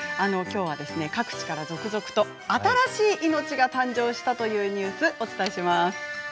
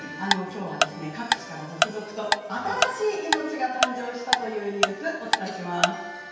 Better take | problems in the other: first | background sound (Tick-tock); 2 dB above the speech // room echo; dies away in 1.2 s

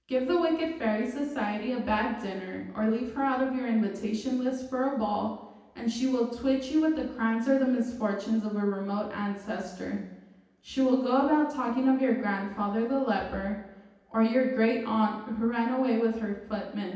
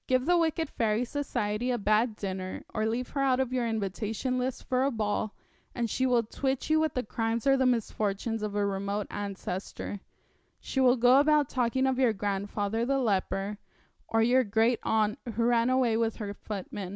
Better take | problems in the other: second | room echo; dies away in 0.9 s

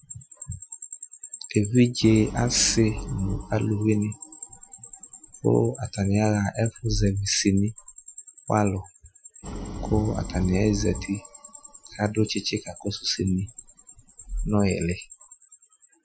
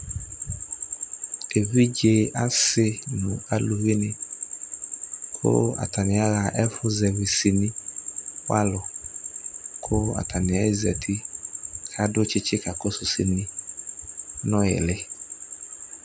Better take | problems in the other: second | noise reduction (classical method Wiener filter)

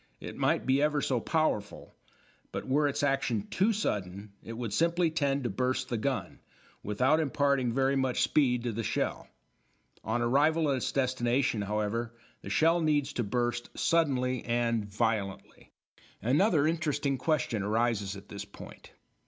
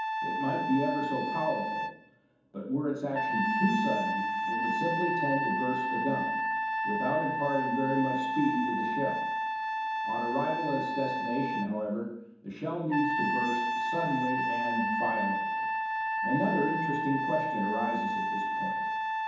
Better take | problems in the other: first | background sound (Trumpet); 1 dB above the speech // room echo; dies away in 1.2 s

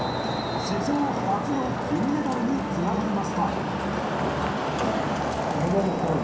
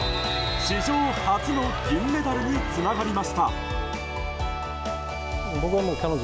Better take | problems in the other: second | background sound (Traffic noise, roadway noise); 1 dB below the speech // room echo; dies away in 0.6 s

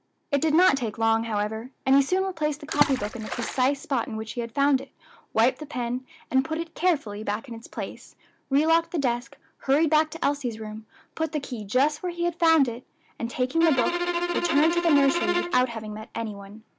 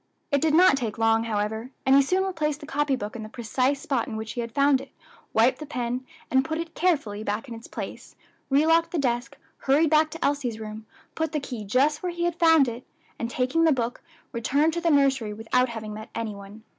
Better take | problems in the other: second | background sound (Water / Splash, splatter + Bowed string instrument); 3 dB below the speech

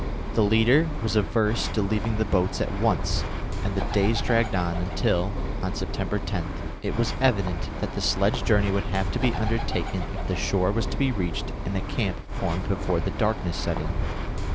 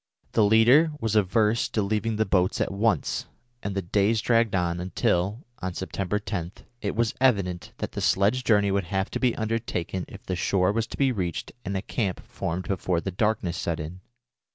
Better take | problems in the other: second | background sound (Bird); 2 dB below the speech

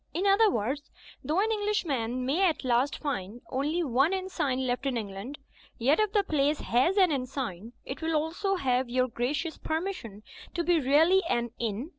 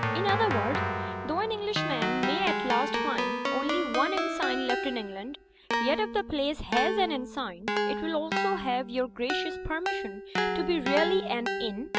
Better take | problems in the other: first | background sound (Keyboard (musical)); as loud as the speech

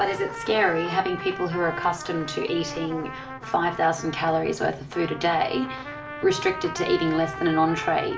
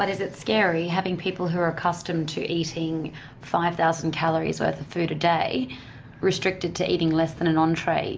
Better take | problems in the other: second | background sound (Trumpet); 10 dB below the speech // room echo; dies away in 0.2 s

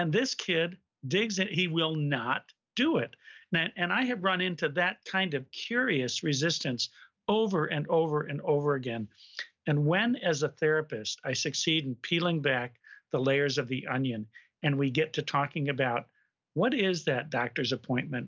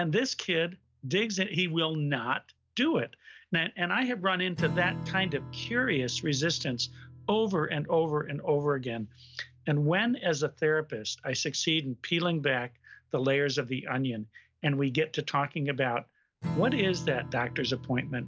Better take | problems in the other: first | background sound (Strum); 14 dB below the speech

